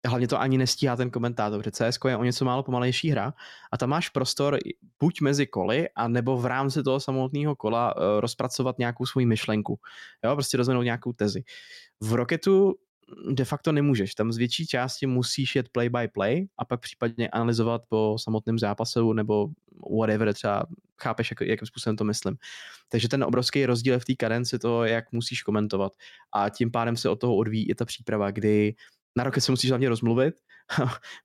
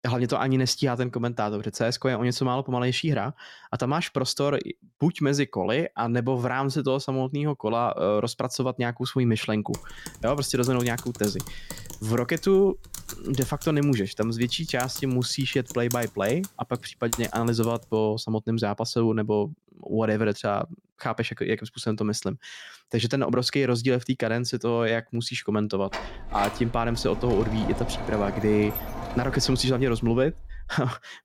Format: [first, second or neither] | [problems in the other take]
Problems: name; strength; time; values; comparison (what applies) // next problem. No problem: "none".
first | keyboard typing; noticeable; from 9.5 to 18 s; peak 6 dB below the speech // door banging; noticeable; from 26 to 31 s; peak 7 dB below the speech